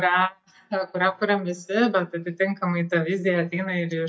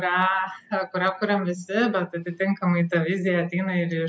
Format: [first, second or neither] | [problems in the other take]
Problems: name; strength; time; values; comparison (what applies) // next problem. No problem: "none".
second | noise reduction (neural mask model DeepFilterNet 3)